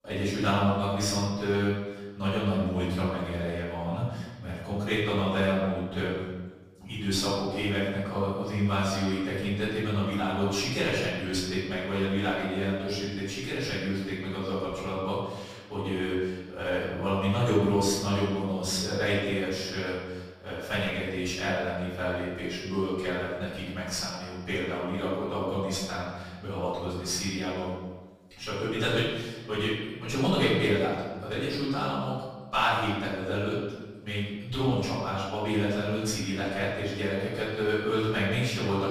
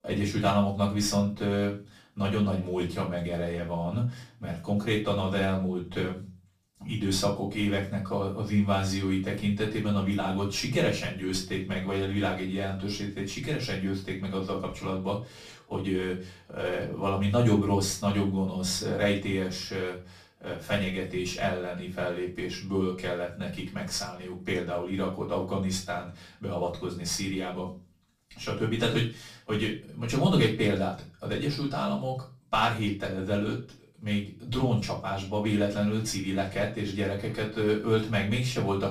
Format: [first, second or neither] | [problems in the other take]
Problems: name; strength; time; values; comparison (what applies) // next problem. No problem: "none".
second | room echo; strong; dies away in 1.1 s; slight in the second // off-mic speech; far; far in the second